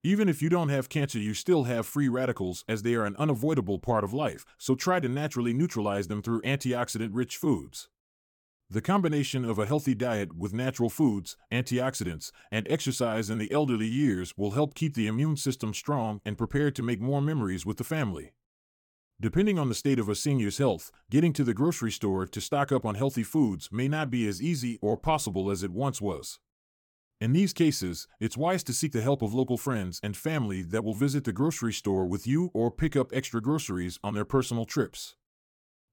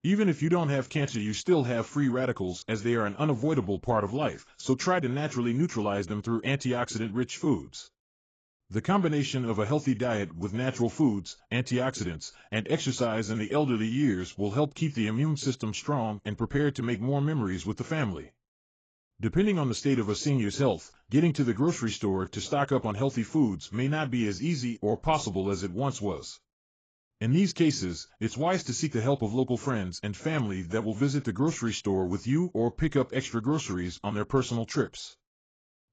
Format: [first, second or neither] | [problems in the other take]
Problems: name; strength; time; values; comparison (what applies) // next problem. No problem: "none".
first | garbled, watery; badly; nothing above 7.5 kHz